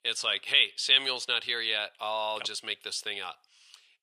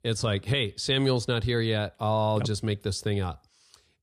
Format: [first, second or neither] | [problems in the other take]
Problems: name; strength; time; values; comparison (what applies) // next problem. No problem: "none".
second | thin; very; fading below 850 Hz